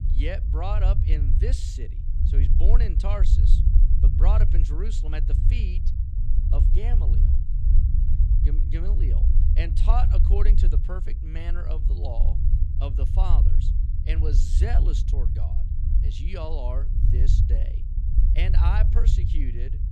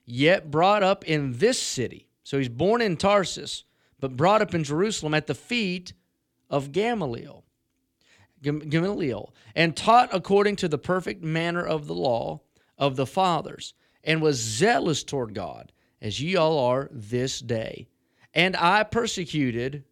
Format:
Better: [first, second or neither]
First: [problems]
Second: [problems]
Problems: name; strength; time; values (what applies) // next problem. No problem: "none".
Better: second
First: low rumble; loud; throughout; 5 dB below the speech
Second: none